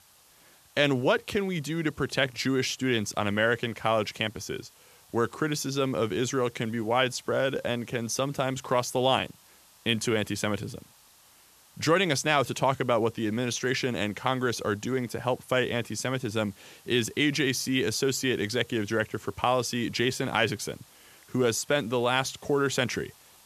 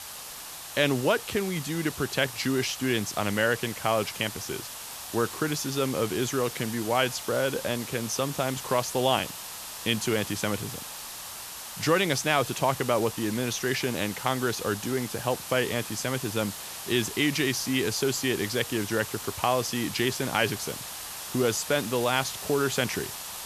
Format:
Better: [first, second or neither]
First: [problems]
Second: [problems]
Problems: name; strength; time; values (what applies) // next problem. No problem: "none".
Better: first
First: hiss; faint; throughout; 25 dB below the speech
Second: hiss; loud; throughout; 9 dB below the speech